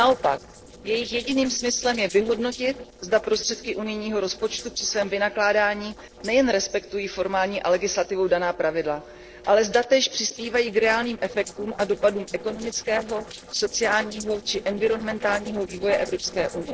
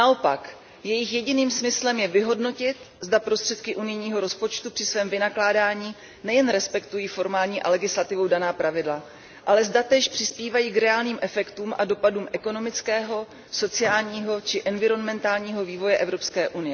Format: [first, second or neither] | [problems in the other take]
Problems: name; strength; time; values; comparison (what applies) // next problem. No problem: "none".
second | noise reduction (neural separator model SepFormer DNS4)